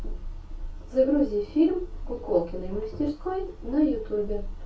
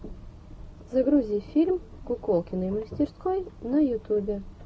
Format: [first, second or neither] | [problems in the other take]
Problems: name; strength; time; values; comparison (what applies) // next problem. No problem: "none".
second | room echo; dies away in 0.2 s